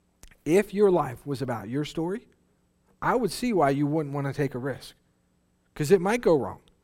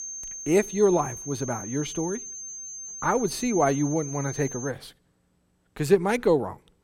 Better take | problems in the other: first | high-pitched whine; loud; until 4.5 s; 6.5 kHz, 10 dB below the speech

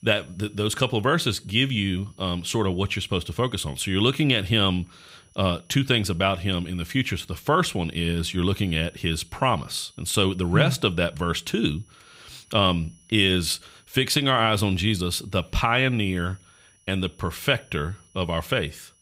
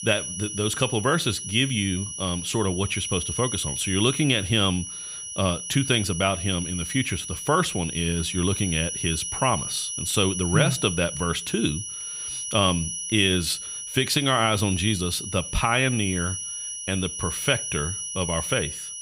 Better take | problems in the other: first | high-pitched whine; loud; throughout; 10 kHz, 5 dB below the speech; faint in the first

